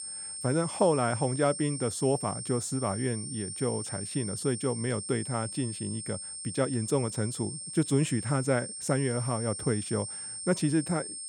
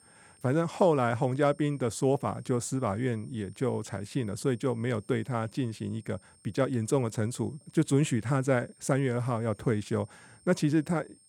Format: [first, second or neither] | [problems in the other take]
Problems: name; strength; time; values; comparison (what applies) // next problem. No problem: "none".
second | high-pitched whine; loud; throughout; 8.5 kHz, 6 dB below the speech; faint in the second